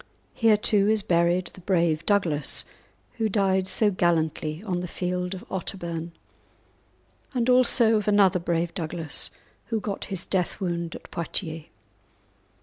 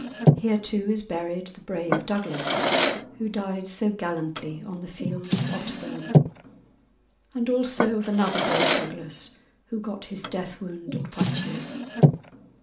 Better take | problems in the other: first | background sound (Drawer open or close); 3 dB above the speech // room echo; dies away in 0.4 s

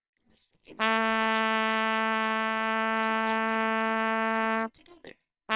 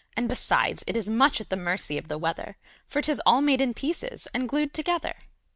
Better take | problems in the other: second | noise reduction (neural separator model SepFormer WHAMR!)

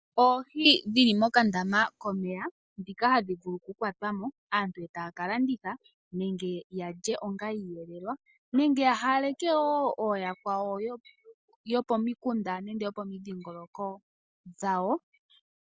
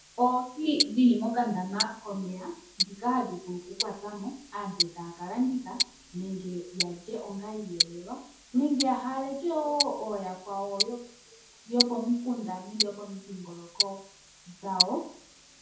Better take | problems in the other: first | background sound (Tick-tock); 4 dB below the speech // room echo; dies away in 0.6 s

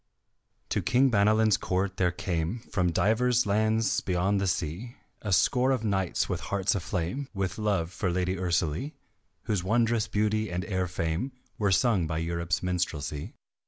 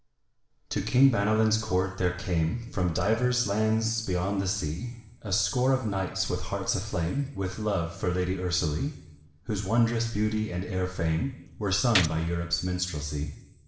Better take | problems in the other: first | background sound (Gunshot, gunfire); 7 dB below the speech // room echo; dies away in 0.8 s

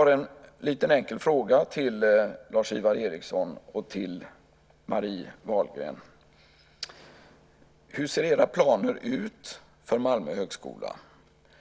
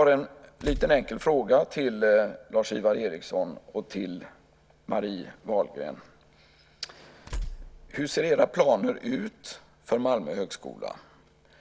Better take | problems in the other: first | background sound (Tools); 12 dB below the speech

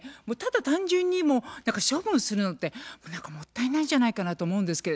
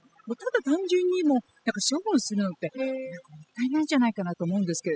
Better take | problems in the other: first | noise reduction (classical method spectral subtraction)

